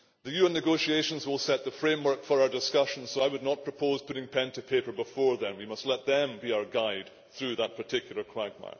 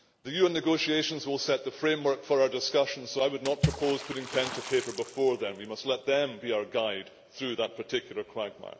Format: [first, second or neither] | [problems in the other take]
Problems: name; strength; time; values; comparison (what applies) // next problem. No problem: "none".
first | background sound (Water / Splash, splatter); 11 dB below the speech